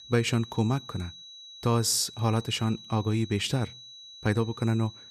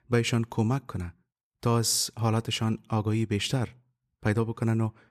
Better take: second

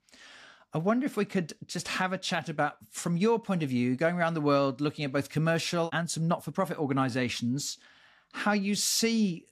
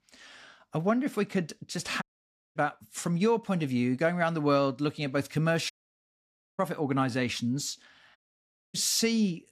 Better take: first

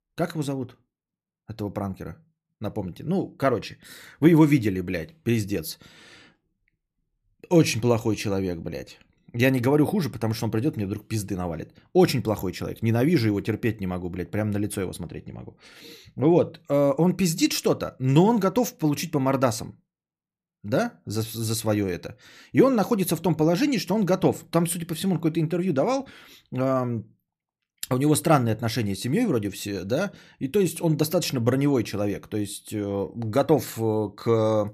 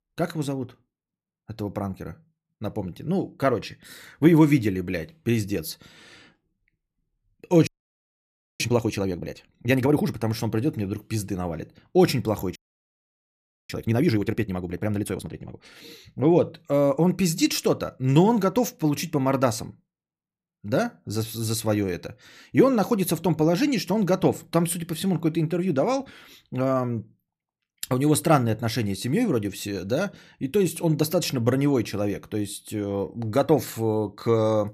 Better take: first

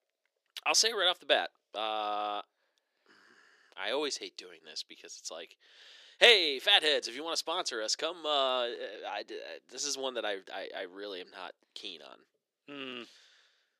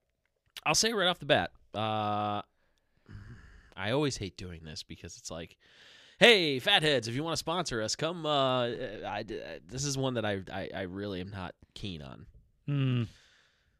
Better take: second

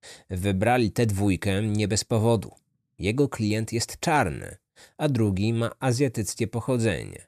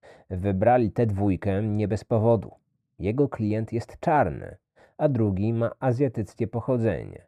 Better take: first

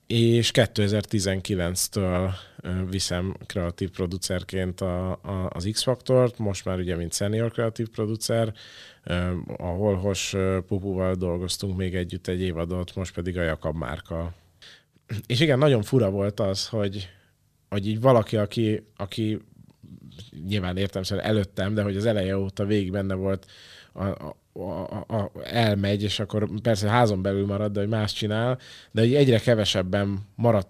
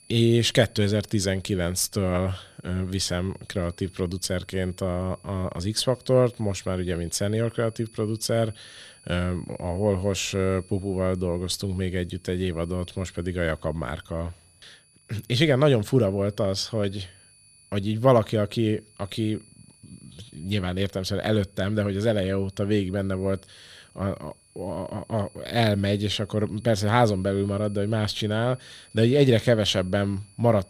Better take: first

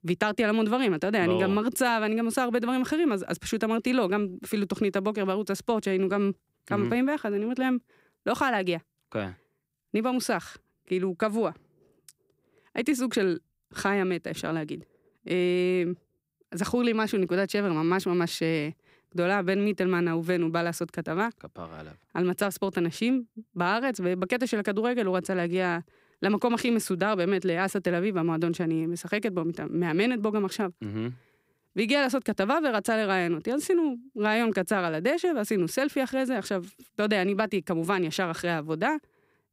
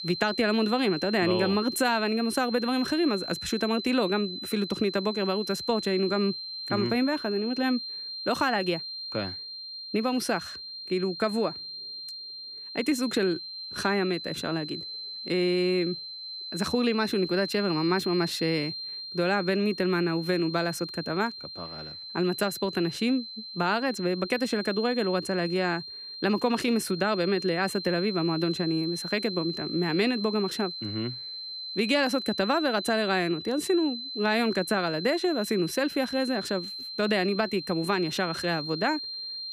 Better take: first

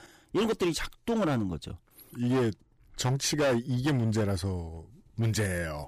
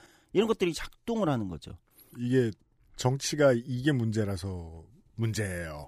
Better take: second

